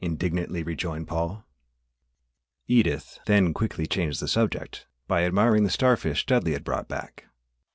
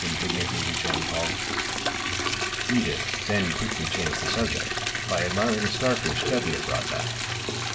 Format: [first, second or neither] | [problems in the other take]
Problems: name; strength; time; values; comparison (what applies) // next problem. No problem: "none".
first | background sound (Liquid); 2 dB above the speech // room echo; dies away in 1.6 s